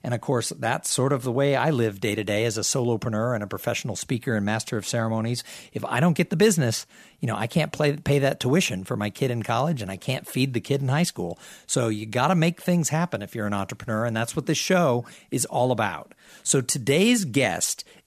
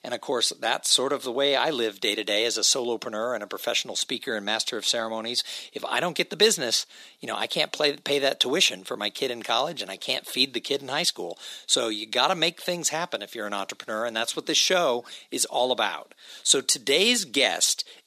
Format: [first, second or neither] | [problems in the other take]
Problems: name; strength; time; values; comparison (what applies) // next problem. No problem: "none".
first | thin; somewhat; fading below 300 Hz